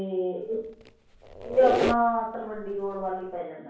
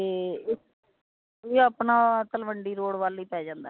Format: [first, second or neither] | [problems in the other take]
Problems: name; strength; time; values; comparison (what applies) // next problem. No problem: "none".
second | background sound (Squeak); 5 dB below the speech // room echo; dies away in 0.6 s